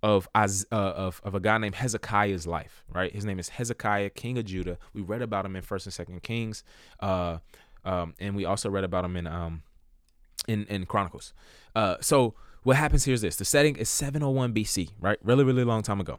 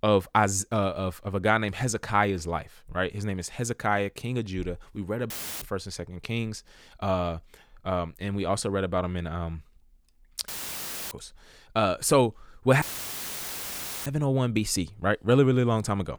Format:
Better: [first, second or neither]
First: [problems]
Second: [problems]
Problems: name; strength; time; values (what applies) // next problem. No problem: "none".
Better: first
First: none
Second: audio cutting out; filled with static; at 5.5 s, at 10 s for 0.5 s and at 13 s for 1 s